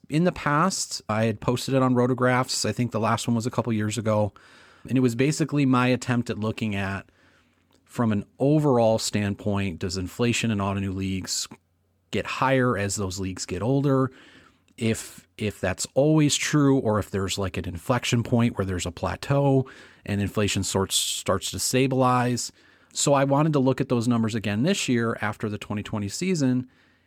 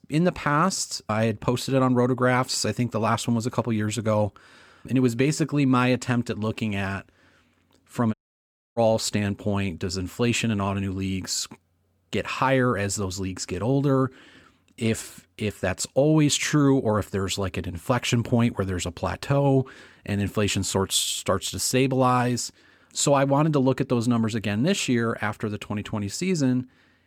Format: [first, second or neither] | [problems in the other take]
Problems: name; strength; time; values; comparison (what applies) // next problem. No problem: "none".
first | audio cutting out; at 8 s for 0.5 s